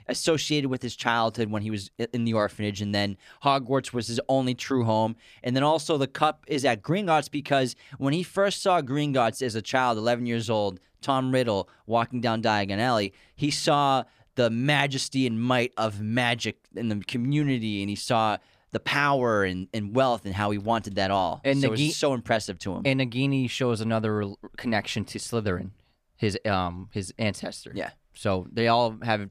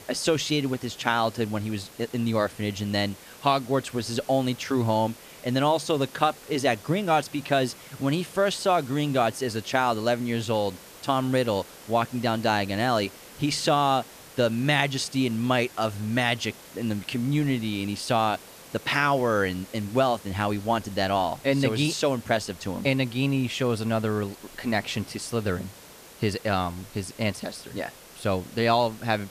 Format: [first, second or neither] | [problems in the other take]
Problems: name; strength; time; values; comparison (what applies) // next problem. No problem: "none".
first | hiss; noticeable; throughout; 20 dB below the speech